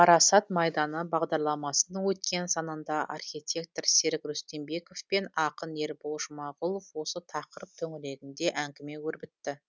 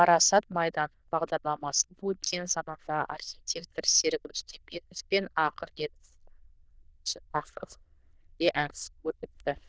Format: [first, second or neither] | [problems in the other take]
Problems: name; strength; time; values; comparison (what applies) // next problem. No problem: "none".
first | noise reduction (neural diffusion model UNIVERSE++)